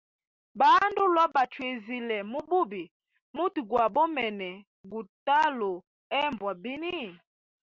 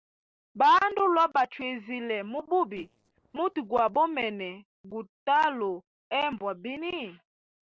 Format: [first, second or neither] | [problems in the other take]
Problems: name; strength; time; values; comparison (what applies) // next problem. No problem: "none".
first | noise reduction (neural separator model SepFormer DNS4)